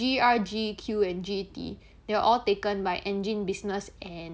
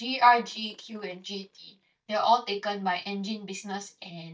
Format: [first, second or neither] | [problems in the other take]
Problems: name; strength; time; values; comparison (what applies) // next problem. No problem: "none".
first | noise reduction (neural mask model DeepFilterNet 3)